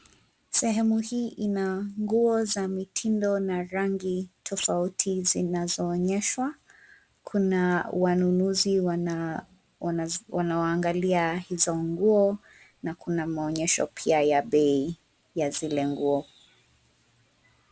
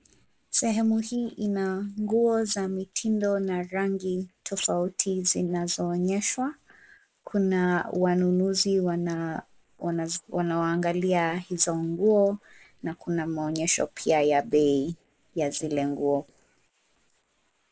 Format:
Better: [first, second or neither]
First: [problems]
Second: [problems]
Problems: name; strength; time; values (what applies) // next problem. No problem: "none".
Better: first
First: none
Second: noise reduction (neural mask model Resemble Enhance denoiser)